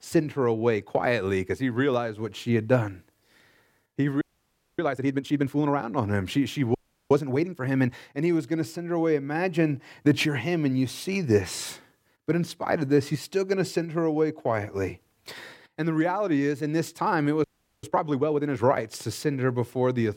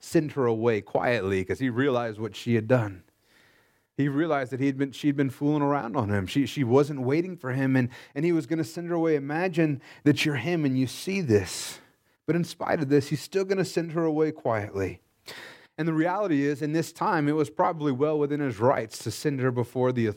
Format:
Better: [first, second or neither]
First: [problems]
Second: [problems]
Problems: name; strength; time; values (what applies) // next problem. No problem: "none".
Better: second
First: audio freezing; at 4 s for 0.5 s, at 7 s and at 17 s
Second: none